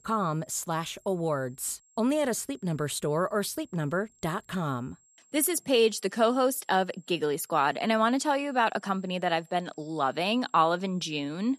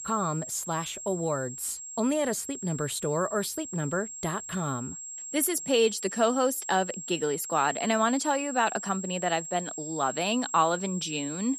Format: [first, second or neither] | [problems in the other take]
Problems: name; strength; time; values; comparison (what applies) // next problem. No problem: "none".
first | high-pitched whine; loud; throughout; 7.5 kHz, 8 dB below the speech; faint in the first